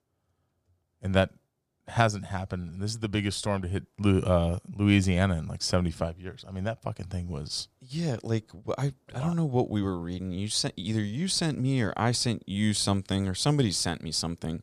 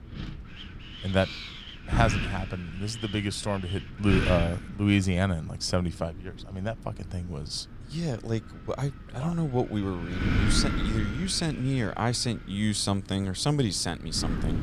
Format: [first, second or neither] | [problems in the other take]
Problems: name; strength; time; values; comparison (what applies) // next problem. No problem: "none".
first | wind noise on the microphone; heavy; 5 dB below the speech